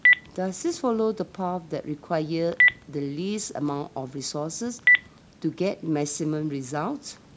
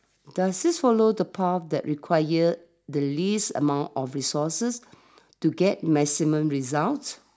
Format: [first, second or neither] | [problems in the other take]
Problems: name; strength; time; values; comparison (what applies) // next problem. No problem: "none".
second | background sound (Telephone); 1 dB above the speech